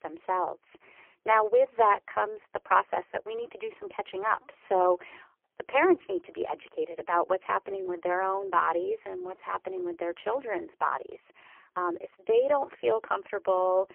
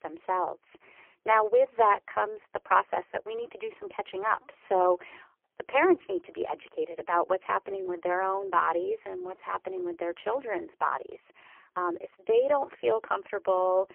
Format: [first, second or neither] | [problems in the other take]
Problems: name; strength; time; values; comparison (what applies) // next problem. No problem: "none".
neither | phone-call audio; poor line; nothing above 3 kHz; the same in both